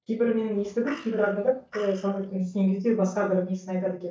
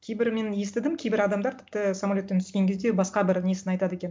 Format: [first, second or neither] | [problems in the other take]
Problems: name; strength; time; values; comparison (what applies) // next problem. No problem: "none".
second | noise reduction (neural mask model DeepFilterNet 3)